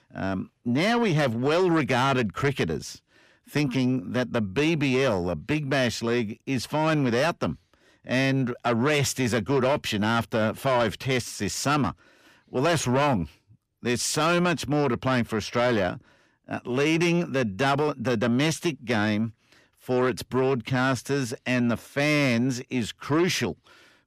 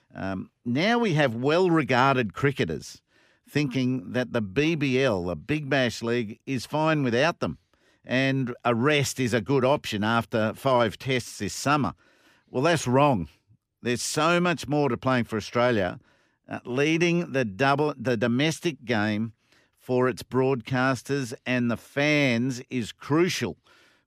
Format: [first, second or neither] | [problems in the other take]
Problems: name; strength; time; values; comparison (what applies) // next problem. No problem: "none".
second | distortion; slight; 10 dB below the speech